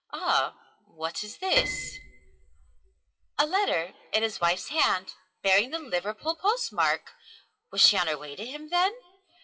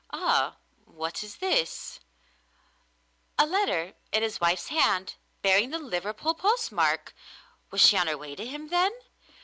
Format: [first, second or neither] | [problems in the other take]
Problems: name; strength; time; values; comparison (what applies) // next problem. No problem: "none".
second | noise reduction (classical method WPE with log-MMSE)